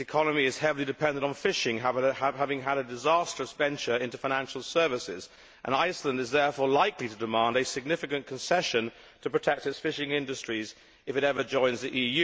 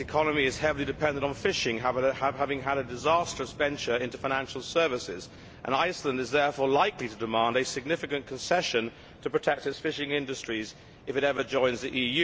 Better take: first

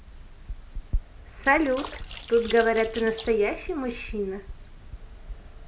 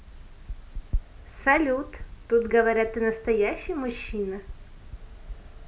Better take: second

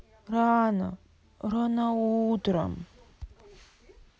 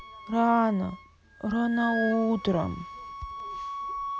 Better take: first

